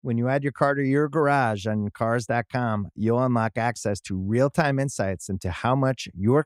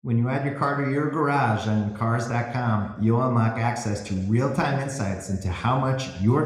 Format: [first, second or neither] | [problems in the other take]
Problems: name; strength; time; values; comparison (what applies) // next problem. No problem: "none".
first | room echo; slight; dies away in 1 s